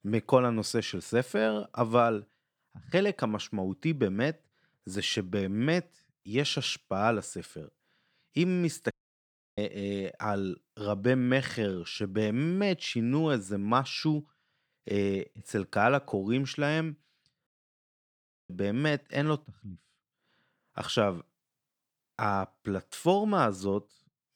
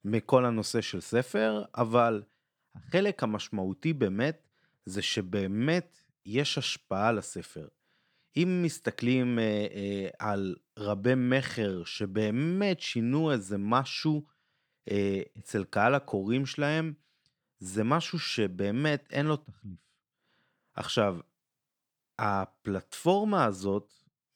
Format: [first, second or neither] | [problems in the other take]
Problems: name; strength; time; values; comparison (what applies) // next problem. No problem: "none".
second | audio cutting out; at 9 s for 0.5 s and at 17 s for 1 s